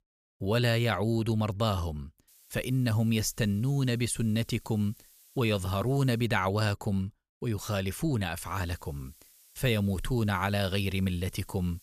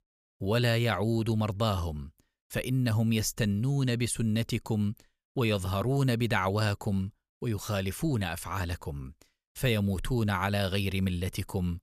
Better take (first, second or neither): second